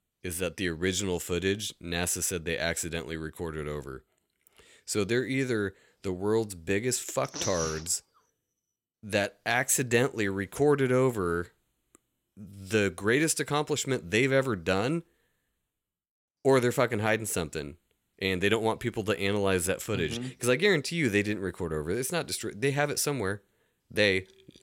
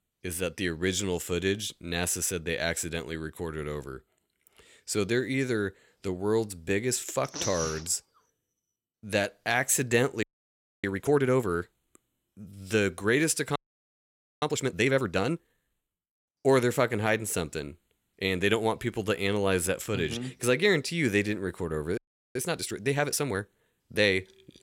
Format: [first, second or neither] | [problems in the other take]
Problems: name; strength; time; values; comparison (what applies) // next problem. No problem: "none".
first | audio freezing; at 10 s for 0.5 s, at 14 s for 1 s and at 22 s